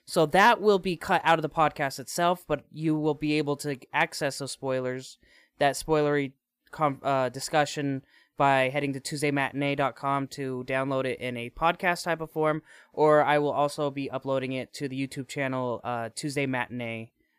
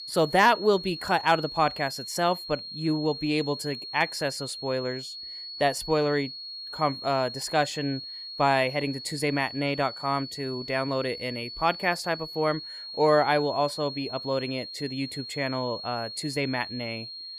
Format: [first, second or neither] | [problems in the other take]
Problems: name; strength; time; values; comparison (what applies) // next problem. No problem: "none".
first | high-pitched whine; loud; throughout; 4.5 kHz, 9 dB below the speech